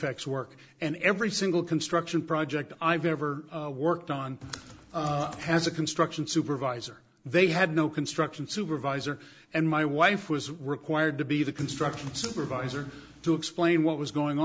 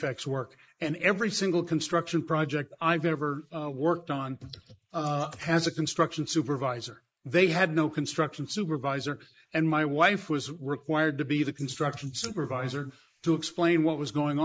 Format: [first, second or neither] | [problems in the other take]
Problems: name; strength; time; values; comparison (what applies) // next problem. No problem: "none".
first | noise reduction (neural mask model Resemble Enhance denoiser)